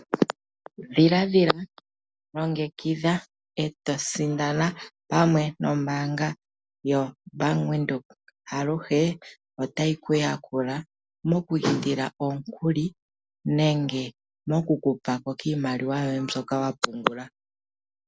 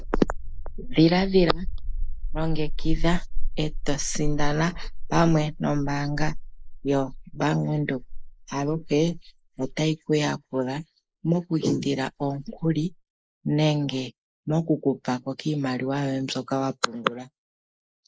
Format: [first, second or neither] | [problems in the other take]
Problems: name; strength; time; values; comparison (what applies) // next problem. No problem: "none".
first | noise reduction (neural mask model Resemble Enhance denoiser)